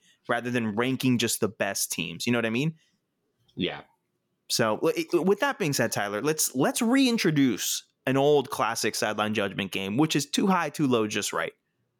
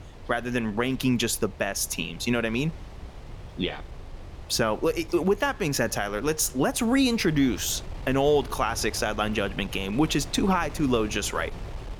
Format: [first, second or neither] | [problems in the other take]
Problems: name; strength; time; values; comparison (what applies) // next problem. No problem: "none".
first | wind noise on the microphone; occasional gusts; 20 dB below the speech